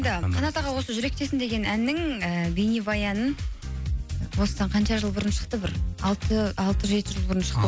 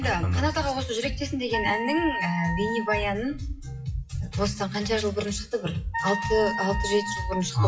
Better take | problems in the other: first | noise reduction (classical method WPE with log-MMSE)

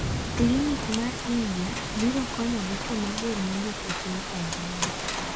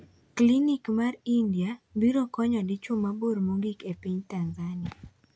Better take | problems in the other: second | background sound (Rain); 2 dB below the speech

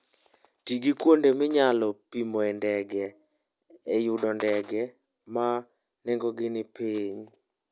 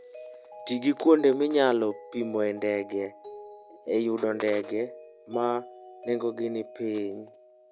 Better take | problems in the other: first | background sound (Mallet percussion); 17 dB below the speech

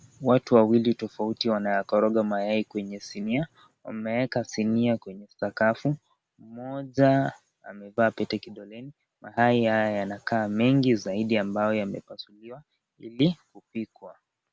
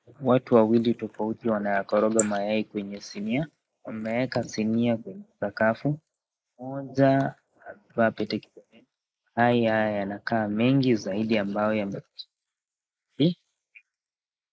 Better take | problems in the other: first | noise reduction (neural mask model Resemble Enhance denoiser)

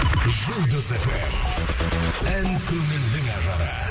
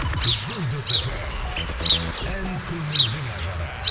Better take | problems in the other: first | background sound (Chirp, tweet); 1 dB below the speech

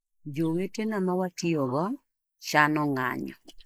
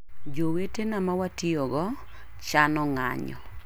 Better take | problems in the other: second | noise reduction (neural mask model Resemble Enhance denoiser)

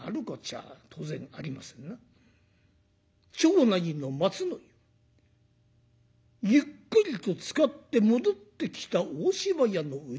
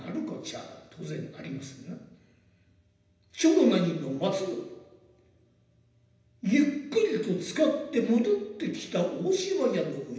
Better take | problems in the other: first | room echo; dies away in 0.9 s

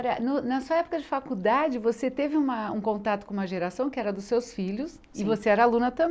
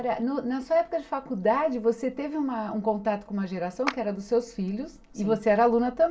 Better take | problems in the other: first | background sound (Clapping); 13 dB below the speech // room echo; dies away in 0.2 s

